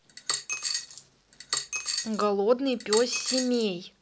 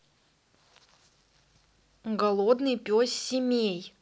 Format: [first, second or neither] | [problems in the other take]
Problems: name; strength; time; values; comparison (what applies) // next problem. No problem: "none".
second | background sound (Coin (dropping)); 4 dB below the speech